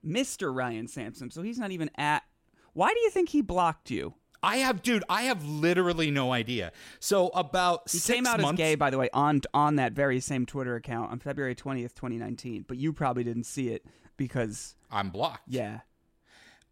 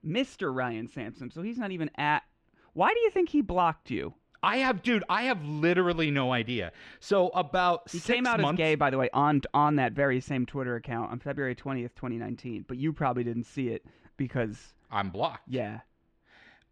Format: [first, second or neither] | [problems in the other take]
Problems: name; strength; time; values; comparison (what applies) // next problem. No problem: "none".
first | muffled; slightly; fading above 3 kHz